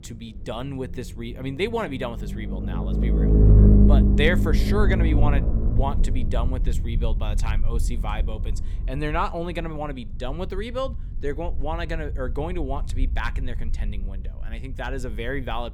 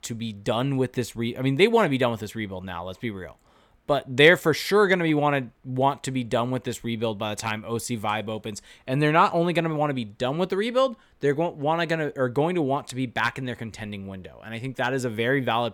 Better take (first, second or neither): second